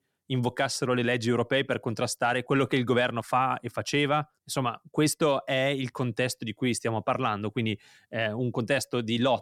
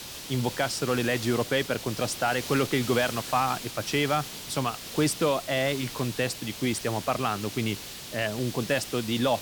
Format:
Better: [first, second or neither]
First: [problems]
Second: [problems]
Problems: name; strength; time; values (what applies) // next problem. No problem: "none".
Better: first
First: none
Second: hiss; loud; throughout; 9 dB below the speech